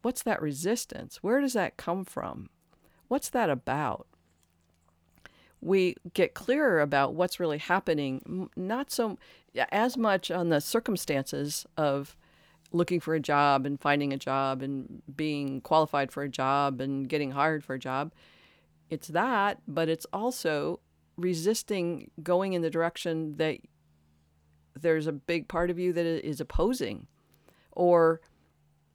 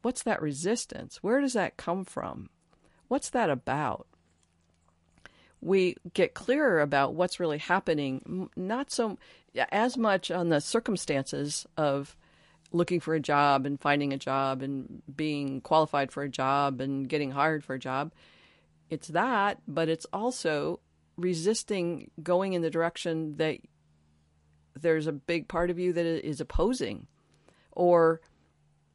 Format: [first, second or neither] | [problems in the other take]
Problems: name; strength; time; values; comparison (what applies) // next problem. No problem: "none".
first | garbled, watery; slightly; nothing above 11 kHz